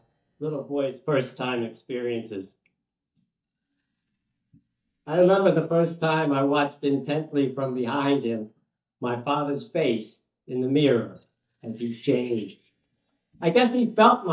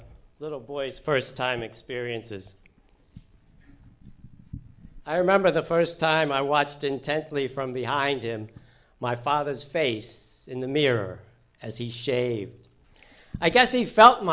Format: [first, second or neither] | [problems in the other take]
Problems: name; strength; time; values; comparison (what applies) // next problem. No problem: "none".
second | noise reduction (neural mask model DeepFilterNet 3)